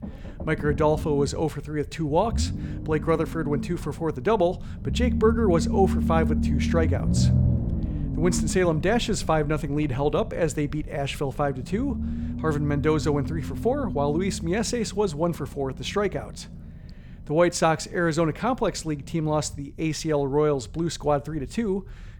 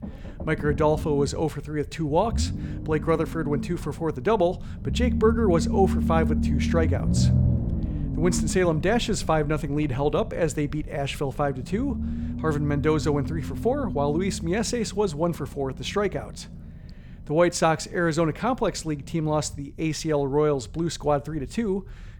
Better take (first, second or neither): neither